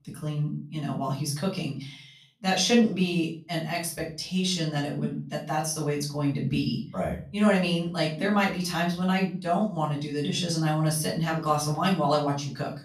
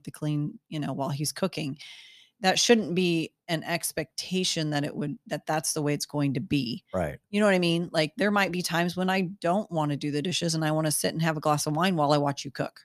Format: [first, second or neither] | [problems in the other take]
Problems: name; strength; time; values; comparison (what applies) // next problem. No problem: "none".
second | off-mic speech; far // room echo; slight; dies away in 0.4 s